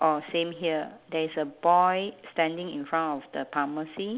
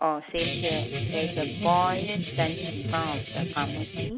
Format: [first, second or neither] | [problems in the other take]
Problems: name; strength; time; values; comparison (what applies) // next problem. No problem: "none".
first | noise reduction (neural mask model RNNoise)